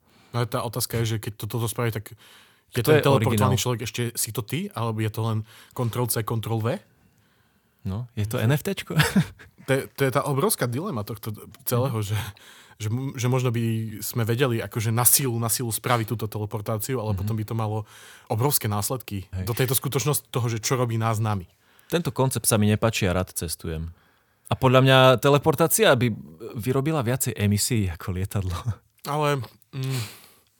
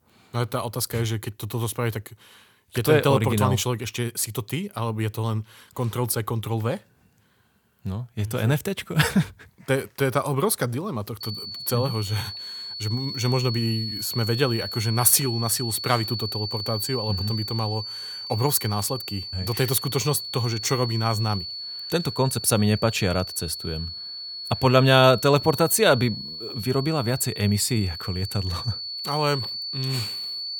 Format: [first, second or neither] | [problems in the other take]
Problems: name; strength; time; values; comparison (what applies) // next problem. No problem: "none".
first | high-pitched whine; loud; from 11 s on; 4.5 kHz, 7 dB below the speech